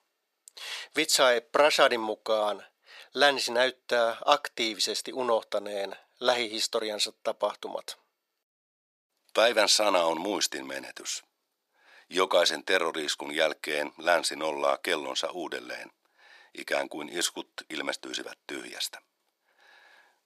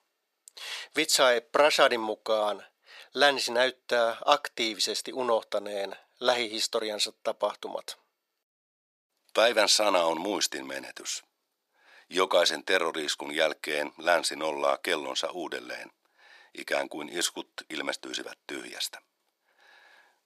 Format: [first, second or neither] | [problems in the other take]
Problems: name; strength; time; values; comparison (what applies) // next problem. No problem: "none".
neither | thin; very; fading below 450 Hz; the same in both